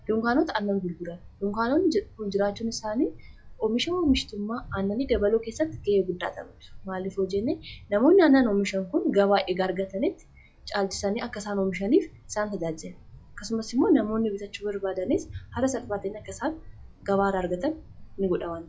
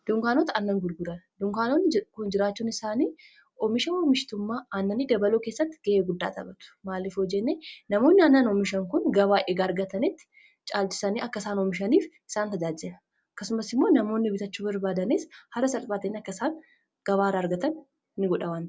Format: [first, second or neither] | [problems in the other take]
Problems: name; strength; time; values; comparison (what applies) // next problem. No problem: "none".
second | noise reduction (classical method log-MMSE)